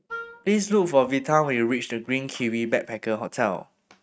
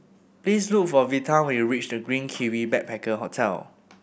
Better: second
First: noise reduction (neural mask model RNNoise)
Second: none

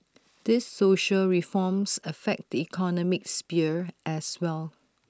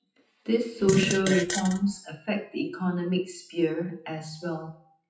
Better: first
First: none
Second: noise reduction (classical method WPE with log-MMSE)

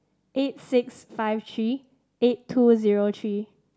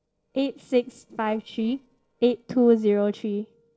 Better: first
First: none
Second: noise reduction (neural separator model SepFormer DNS4)

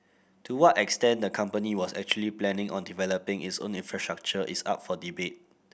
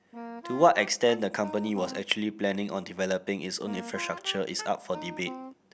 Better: first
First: none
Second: background sound (Wind instrument, woodwind instrument); 13 dB below the speech

